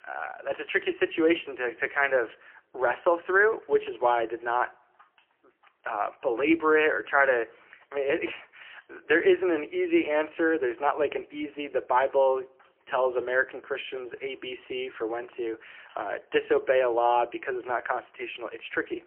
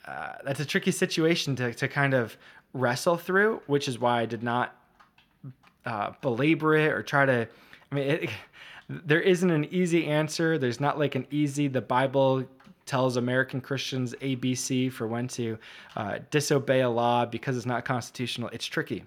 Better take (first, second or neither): second